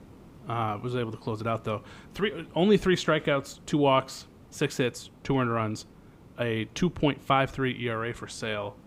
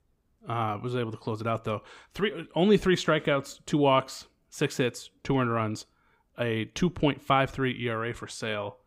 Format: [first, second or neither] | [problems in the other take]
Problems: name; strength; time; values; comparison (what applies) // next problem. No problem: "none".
second | hiss; faint; throughout; 25 dB below the speech